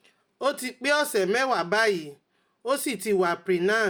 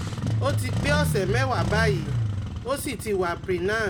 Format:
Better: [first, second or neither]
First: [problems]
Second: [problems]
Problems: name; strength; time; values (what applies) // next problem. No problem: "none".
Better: first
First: none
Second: background sound (Engine starting); 1 dB above the speech